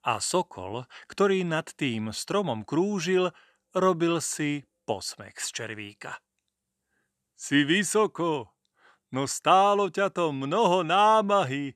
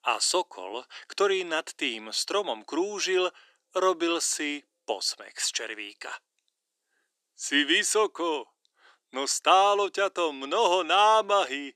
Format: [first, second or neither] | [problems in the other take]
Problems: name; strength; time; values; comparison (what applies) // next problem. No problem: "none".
first | thin; somewhat; fading below 300 Hz